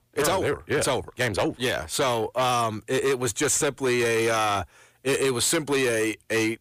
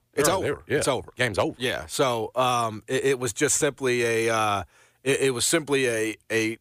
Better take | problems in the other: second | distortion; slight; 10 dB below the speech

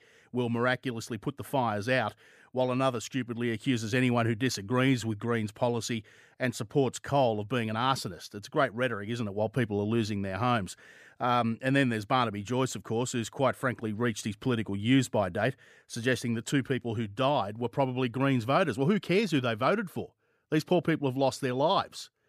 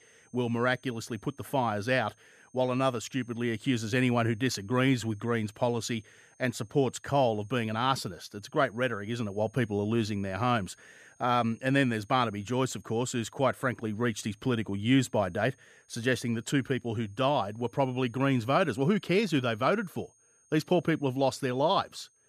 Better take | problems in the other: first | high-pitched whine; faint; throughout; 6.5 kHz, 35 dB below the speech

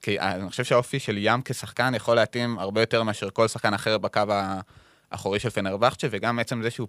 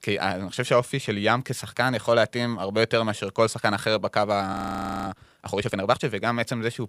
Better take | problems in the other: first | audio freezing; at 4.5 s for 0.5 s

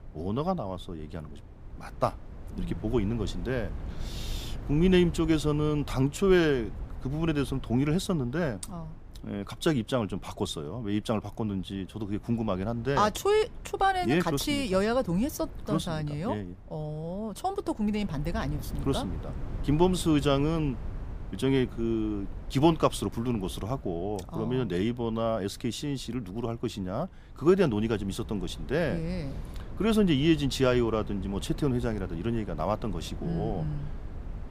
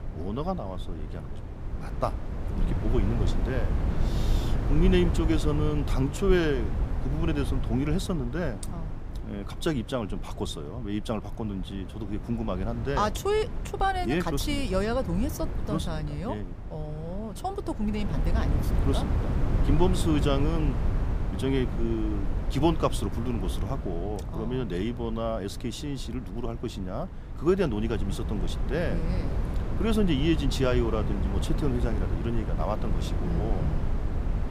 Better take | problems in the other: first | wind noise on the microphone; heavy; 9 dB below the speech; occasional gusts in the first

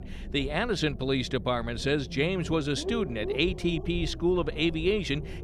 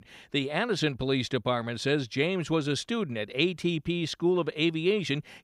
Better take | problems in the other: second | low rumble; noticeable; throughout; 15 dB below the speech

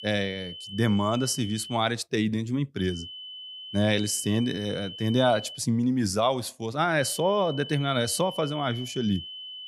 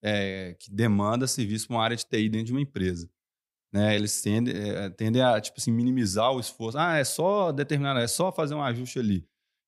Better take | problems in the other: second | high-pitched whine; noticeable; until 2 s, from 3 to 5.5 s and from 7 s on; 3 kHz, 10 dB below the speech

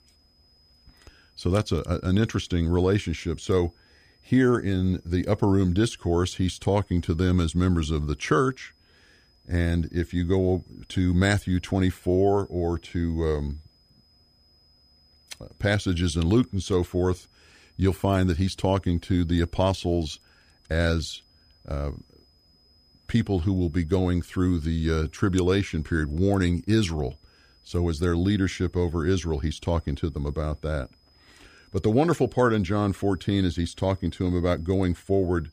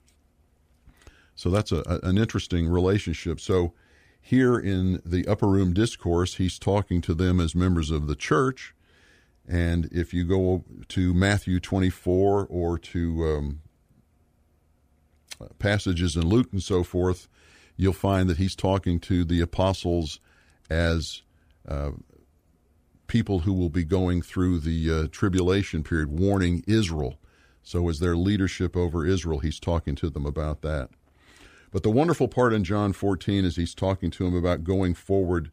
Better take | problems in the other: second | high-pitched whine; faint; throughout; 5 kHz, 35 dB below the speech

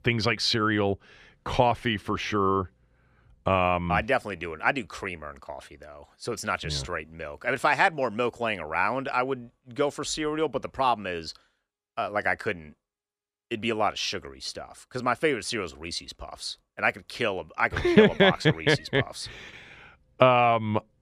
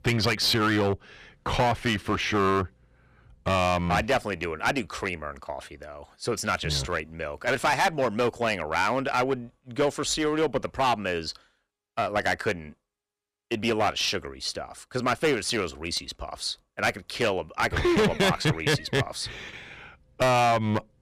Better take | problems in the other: first | distortion; heavy; 8% of the sound clipped

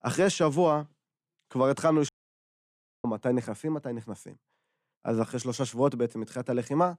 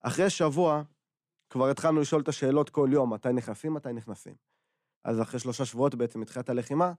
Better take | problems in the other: second | audio cutting out; at 2 s for 1 s

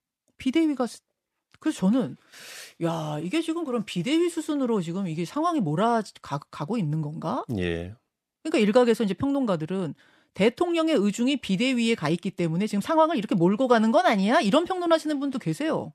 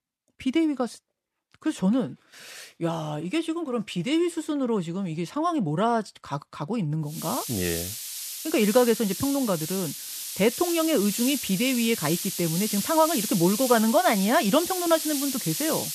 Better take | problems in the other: first | hiss; loud; from 7 s on; 5 dB below the speech

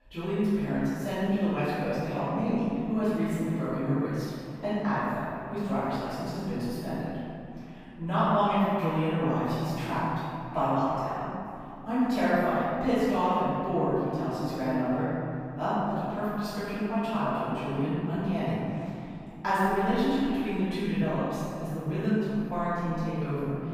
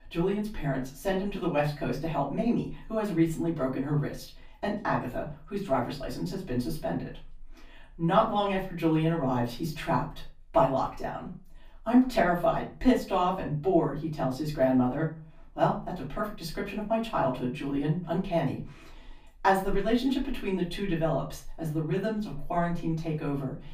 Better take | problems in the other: second | room echo; strong; dies away in 2.8 s; slight in the second // off-mic speech; far; far in the second

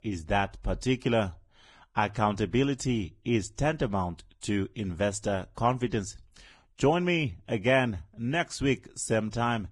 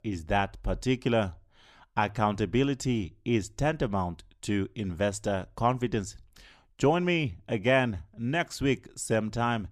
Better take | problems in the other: second | garbled, watery; badly

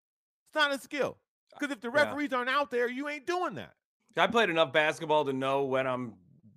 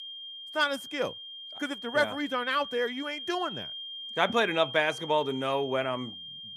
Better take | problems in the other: first | high-pitched whine; loud; throughout; 3 kHz, 9 dB below the speech

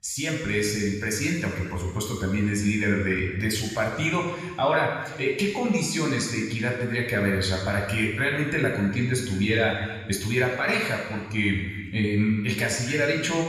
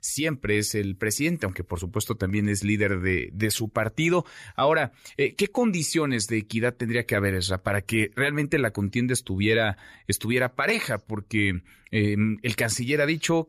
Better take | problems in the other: second | room echo; noticeable; dies away in 1.3 s // off-mic speech; somewhat distant

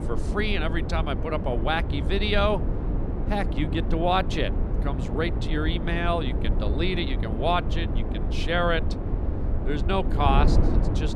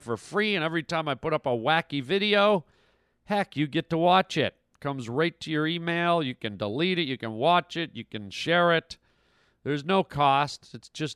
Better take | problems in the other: second | wind noise on the microphone; heavy; 9 dB below the speech

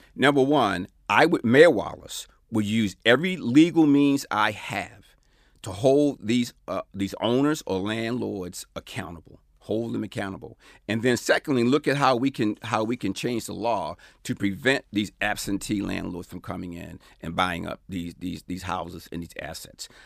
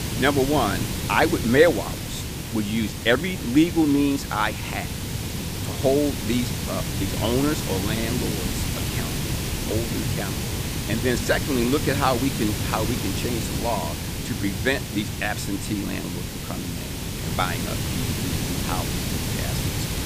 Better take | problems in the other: first | hiss; loud; throughout; 3 dB below the speech

